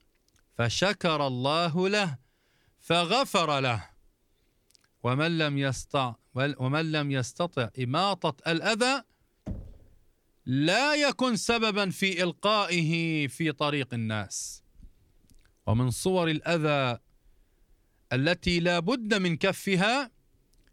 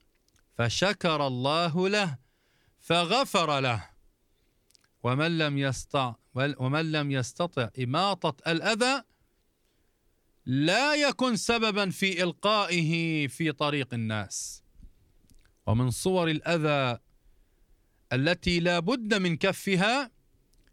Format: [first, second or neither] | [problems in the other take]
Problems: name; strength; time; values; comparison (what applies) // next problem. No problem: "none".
second | door banging; faint; at 9.5 s; peak 15 dB below the speech